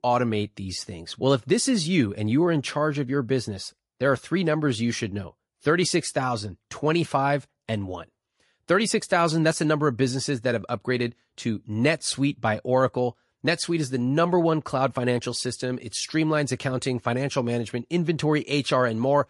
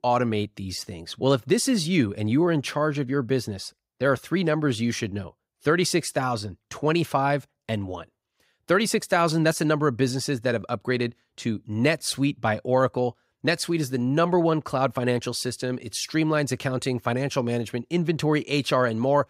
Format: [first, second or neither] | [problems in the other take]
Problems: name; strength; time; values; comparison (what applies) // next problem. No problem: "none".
second | garbled, watery; slightly